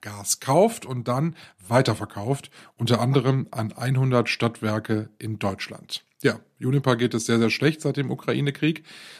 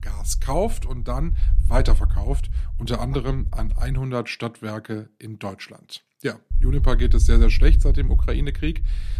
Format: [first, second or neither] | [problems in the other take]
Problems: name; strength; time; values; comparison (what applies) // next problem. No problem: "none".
first | low rumble; noticeable; until 4 s and from 6.5 s on; 15 dB below the speech